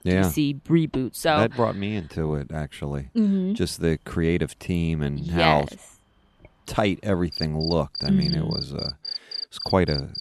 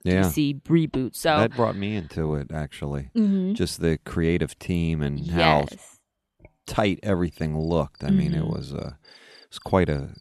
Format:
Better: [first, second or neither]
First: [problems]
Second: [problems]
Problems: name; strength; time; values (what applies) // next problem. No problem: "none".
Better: second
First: animal sounds; loud; throughout; 7 dB below the speech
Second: animal sounds; faint; throughout; 30 dB below the speech